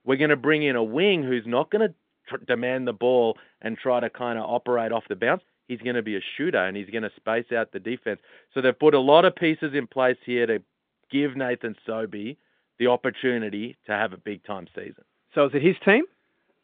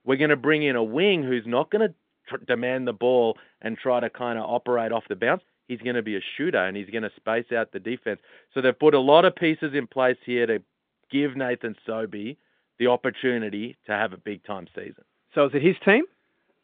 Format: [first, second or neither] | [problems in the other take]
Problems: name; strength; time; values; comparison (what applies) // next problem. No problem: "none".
neither | phone-call audio; the same in both